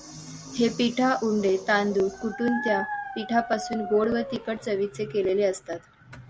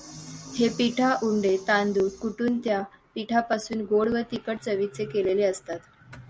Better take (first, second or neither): second